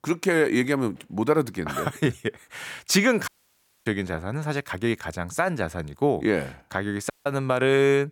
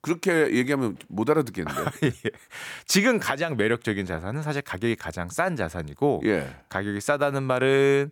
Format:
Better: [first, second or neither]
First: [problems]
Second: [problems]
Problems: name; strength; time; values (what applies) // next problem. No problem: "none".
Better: second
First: audio cutting out; at 3.5 s for 0.5 s and at 7 s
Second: none